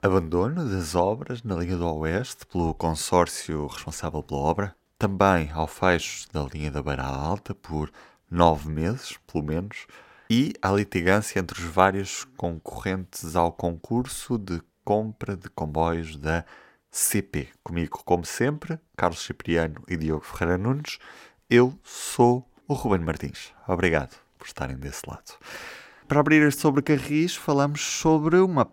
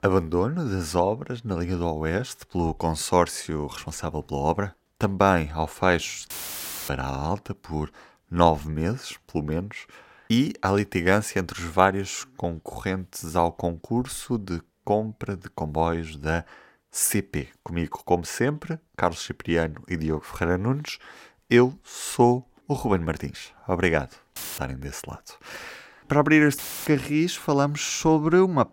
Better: first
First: none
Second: audio cutting out; filled with static; at 6.5 s for 0.5 s, at 24 s and at 27 s

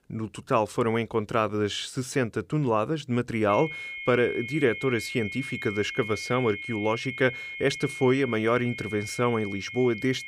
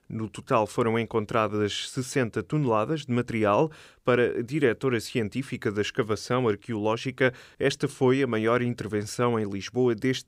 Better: second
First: high-pitched whine; loud; from 3.5 s on; 2 kHz, 8 dB below the speech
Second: none

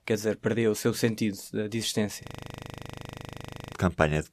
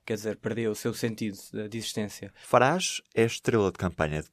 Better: second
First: audio freezing; at 2 s for 1.5 s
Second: none

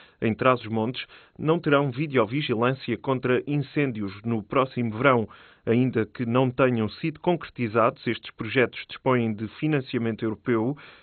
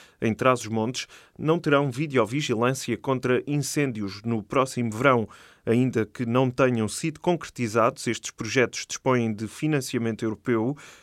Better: second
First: garbled, watery; badly; nothing above 4 kHz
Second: none

